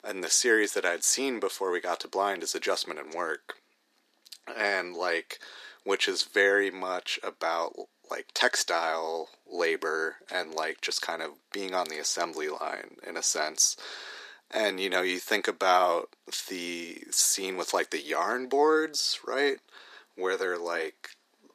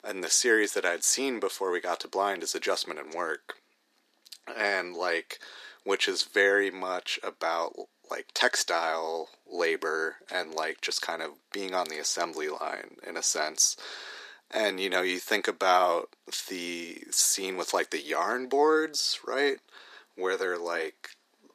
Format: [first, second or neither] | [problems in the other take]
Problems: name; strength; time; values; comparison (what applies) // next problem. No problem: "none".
neither | thin; very; fading below 350 Hz; the same in both